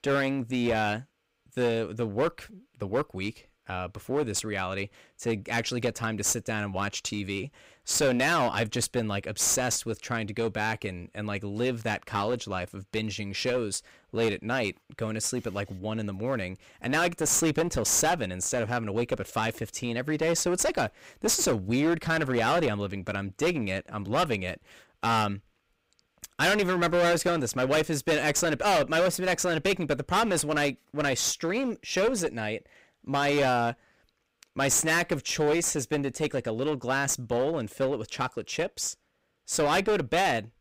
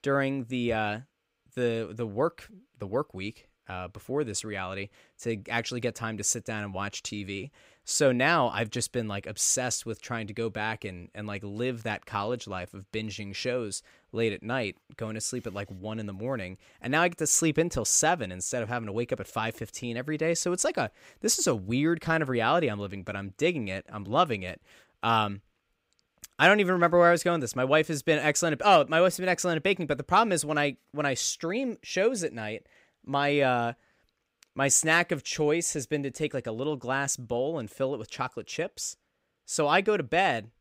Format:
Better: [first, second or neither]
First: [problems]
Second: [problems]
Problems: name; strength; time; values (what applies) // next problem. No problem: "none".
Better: second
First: distortion; heavy; 11% of the sound clipped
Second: none